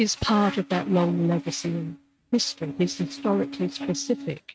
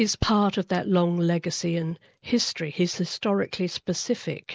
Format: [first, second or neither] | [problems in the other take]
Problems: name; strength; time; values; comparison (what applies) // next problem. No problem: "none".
second | noise reduction (neural mask model RNNoise)